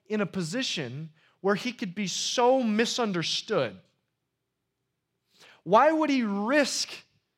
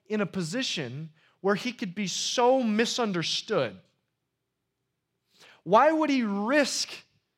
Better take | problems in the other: neither | none

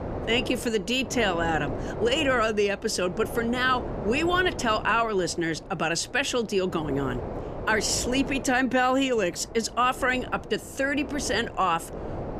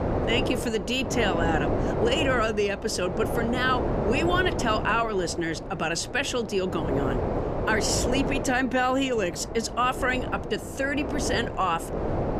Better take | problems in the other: first | wind noise on the microphone; heavy; 6 dB below the speech; occasional gusts in the first

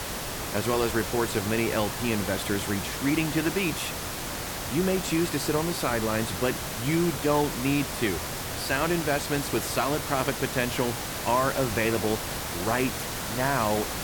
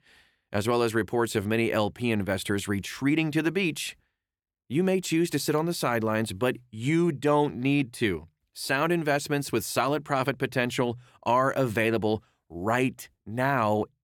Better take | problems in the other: second | hiss; loud; throughout; 4 dB below the speech

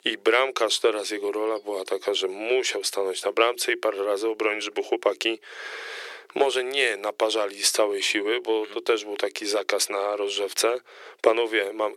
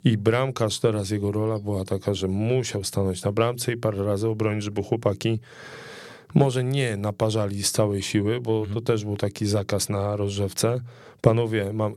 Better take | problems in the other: second | thin; very; fading below 350 Hz

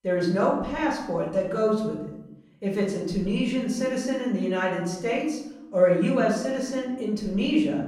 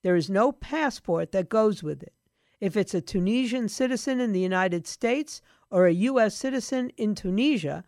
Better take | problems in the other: second | off-mic speech; far // room echo; noticeable; dies away in 0.8 s

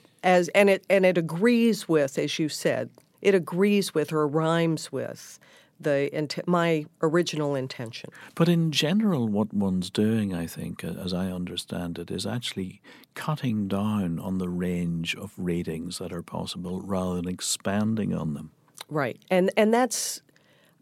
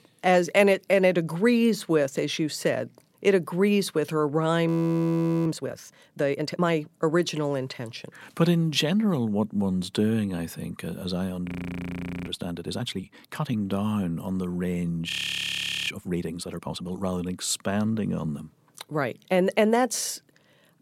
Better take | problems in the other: first | audio freezing; at 4.5 s for 1 s, at 11 s for 1 s and at 15 s for 1 s

